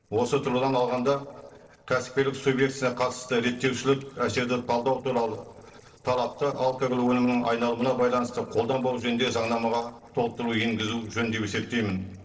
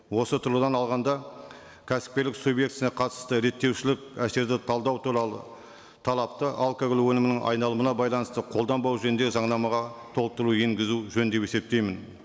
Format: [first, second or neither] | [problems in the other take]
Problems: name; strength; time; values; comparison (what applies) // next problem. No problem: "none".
second | noise reduction (neural separator model SepFormer DNS4)